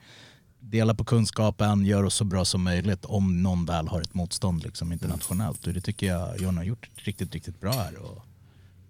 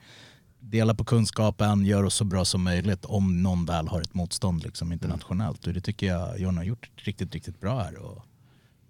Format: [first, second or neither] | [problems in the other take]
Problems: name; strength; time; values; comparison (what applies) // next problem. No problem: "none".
second | jangling keys; noticeable; from 4.5 to 8 s; peak 7 dB below the speech